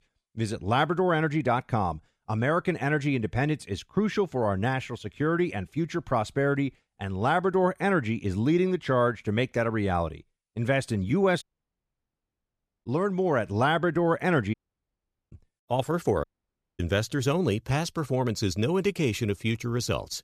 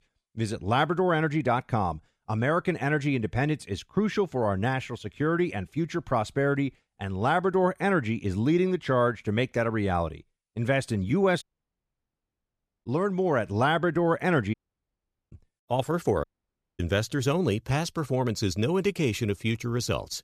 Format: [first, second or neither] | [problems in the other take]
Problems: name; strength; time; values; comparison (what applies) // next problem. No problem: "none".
neither | audio cutting out; at 11 s for 1.5 s, at 15 s for 1 s and at 16 s for 0.5 s; the same in both